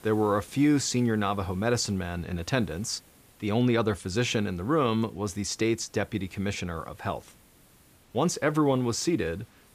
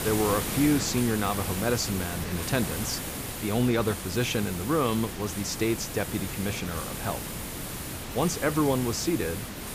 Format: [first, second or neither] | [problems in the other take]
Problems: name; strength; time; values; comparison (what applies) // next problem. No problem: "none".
first | hiss; loud; throughout; 5 dB below the speech; faint in the first